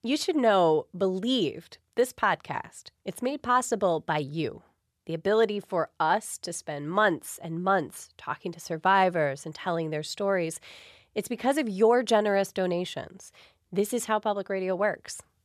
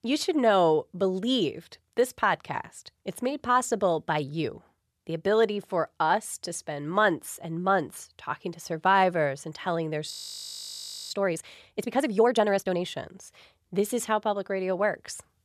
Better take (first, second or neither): first